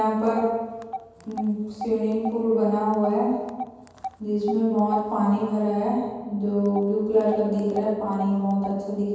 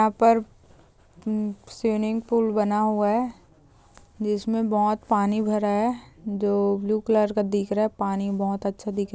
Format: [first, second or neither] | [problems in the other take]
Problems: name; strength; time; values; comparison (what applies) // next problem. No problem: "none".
second | background sound (Telephone); 14 dB below the speech // room echo; dies away in 1.2 s